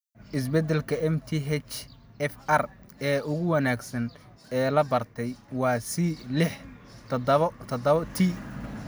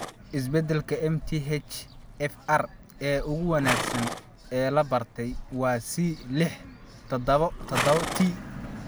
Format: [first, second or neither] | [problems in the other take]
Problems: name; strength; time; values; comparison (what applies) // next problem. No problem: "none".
first | background sound (Livestock, farm animals, working animals); 9 dB below the speech